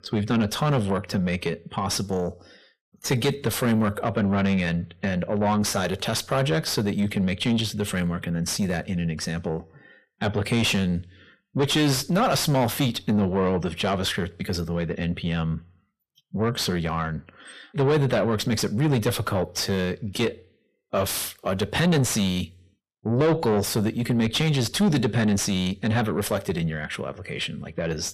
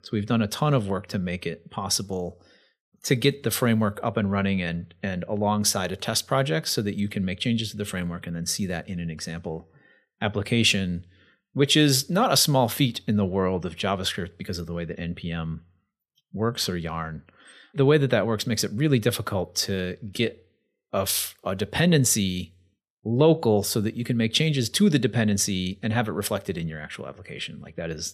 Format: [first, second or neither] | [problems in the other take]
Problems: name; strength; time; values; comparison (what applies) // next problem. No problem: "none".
second | distortion; heavy; 7 dB below the speech